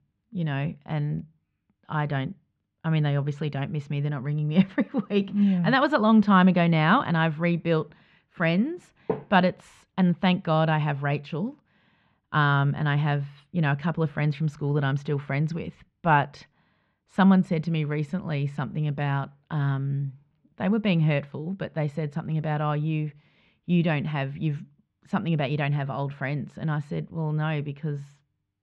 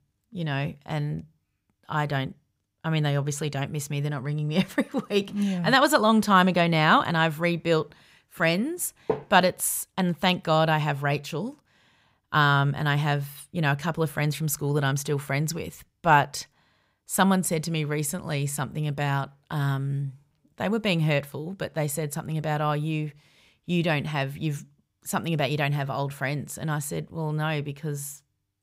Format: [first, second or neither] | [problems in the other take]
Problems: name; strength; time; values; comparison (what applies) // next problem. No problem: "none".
second | muffled; slightly; fading above 3 kHz